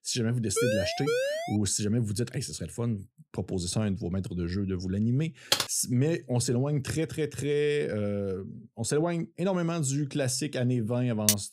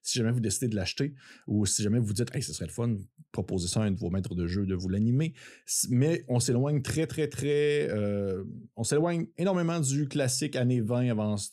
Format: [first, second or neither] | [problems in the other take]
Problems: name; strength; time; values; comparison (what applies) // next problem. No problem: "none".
second | siren; loud; from 0.5 to 1.5 s; peak 1 dB above the speech // keyboard typing; loud; at 5.5 s; peak 2 dB above the speech // clattering dishes; very faint; at 11 s; peak 3 dB above the speech